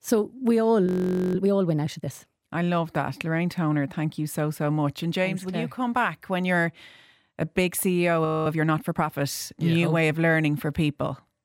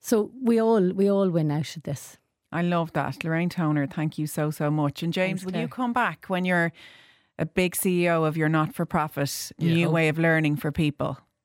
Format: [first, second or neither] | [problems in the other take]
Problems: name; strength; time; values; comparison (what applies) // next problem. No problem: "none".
second | audio freezing; at 1 s and at 8.5 s